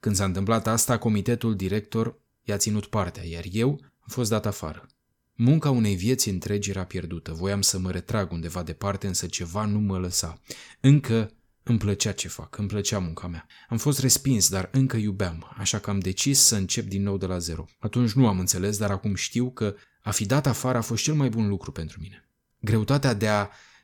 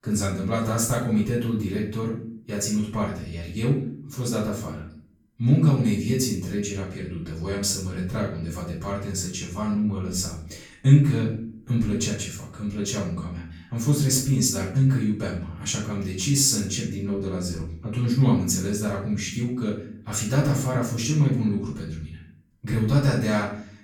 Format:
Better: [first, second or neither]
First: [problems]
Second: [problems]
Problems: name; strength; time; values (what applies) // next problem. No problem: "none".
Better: first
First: none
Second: room echo; noticeable; dies away in 0.5 s // off-mic speech; far